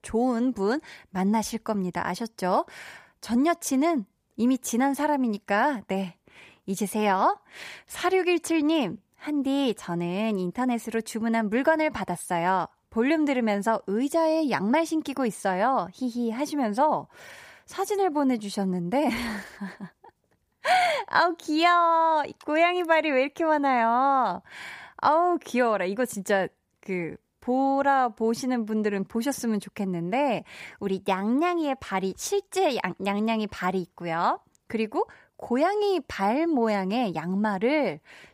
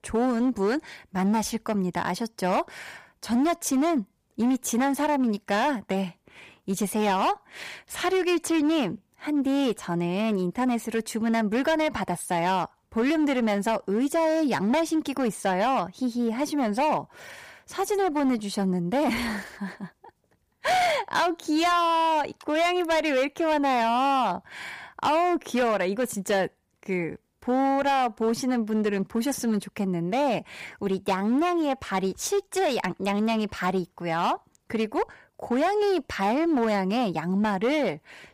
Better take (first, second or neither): first